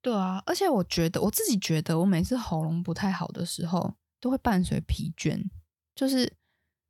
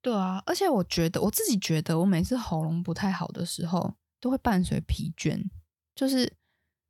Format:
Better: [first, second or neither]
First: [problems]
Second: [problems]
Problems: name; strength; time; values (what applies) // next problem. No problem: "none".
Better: neither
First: none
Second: none